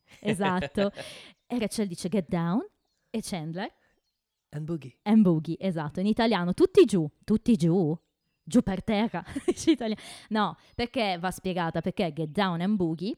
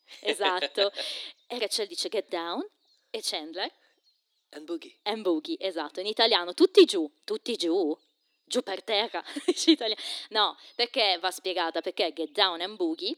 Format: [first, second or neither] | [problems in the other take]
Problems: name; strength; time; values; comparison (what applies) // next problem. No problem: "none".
first | thin; very; fading below 300 Hz